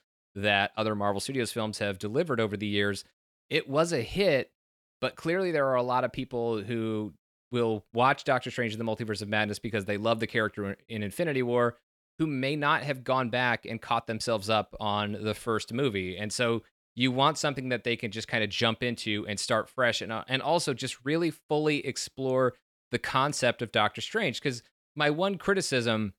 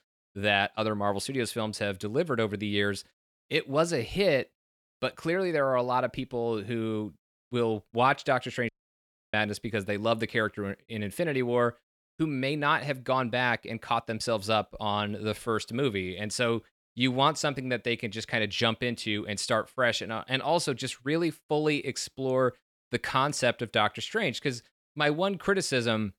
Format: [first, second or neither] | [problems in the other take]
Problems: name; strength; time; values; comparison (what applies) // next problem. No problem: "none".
first | audio cutting out; at 8.5 s for 0.5 s